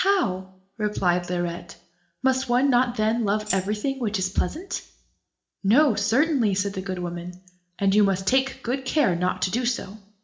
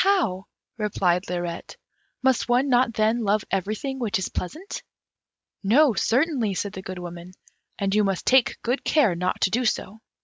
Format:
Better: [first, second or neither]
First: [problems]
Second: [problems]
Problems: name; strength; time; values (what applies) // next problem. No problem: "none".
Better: second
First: background sound (Tambourine); 11 dB below the speech // room echo; dies away in 0.4 s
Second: none